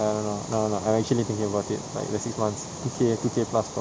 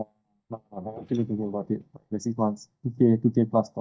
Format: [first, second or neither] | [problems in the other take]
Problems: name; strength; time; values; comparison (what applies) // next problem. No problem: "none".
first | noise reduction (neural mask model DeepFilterNet 3)